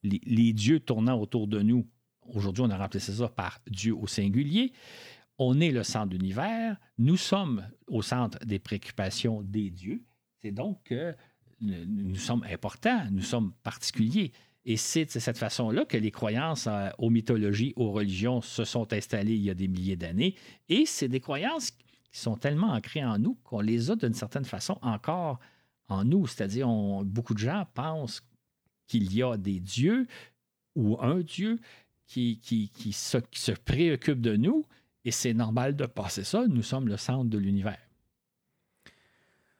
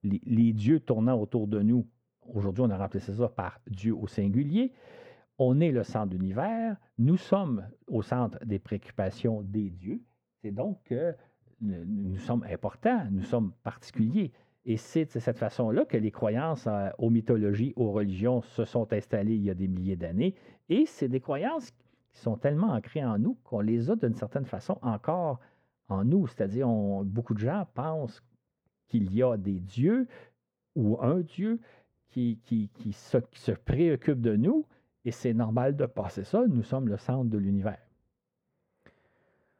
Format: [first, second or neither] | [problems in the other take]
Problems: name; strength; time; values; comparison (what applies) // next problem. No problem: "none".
first | muffled; very; fading above 2.5 kHz